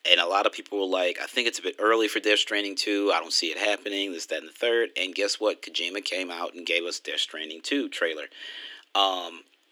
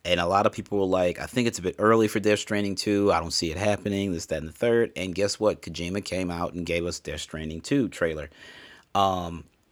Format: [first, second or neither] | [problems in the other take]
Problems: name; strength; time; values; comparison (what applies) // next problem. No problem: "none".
second | thin; somewhat; fading below 300 Hz